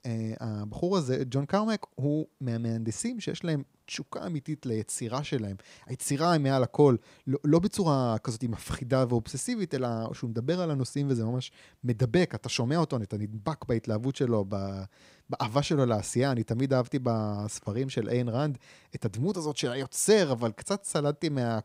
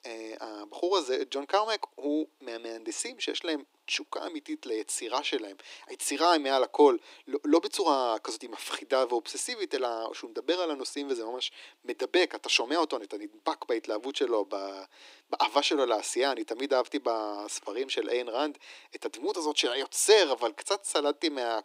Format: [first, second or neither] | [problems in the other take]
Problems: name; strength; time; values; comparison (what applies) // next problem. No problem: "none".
first | thin; somewhat; fading below 300 Hz